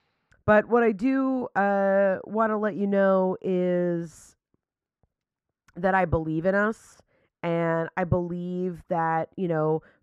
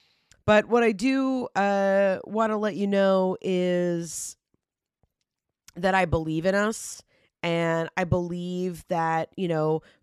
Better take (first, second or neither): second